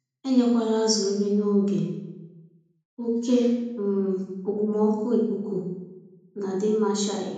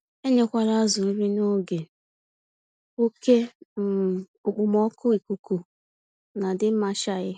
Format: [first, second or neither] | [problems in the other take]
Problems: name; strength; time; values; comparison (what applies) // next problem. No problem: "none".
second | room echo; dies away in 0.9 s